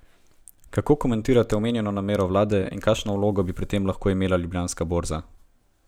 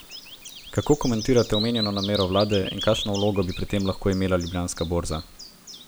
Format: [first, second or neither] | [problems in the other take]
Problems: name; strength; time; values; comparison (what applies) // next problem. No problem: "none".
first | background sound (Bird vocalization, bird call, bird song); 11 dB below the speech